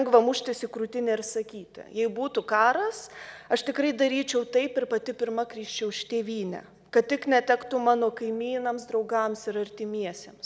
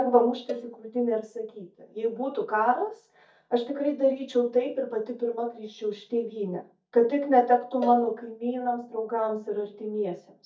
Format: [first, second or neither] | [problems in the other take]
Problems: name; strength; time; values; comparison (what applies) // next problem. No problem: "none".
first | noise reduction (neural mask model DeepFilterNet 3)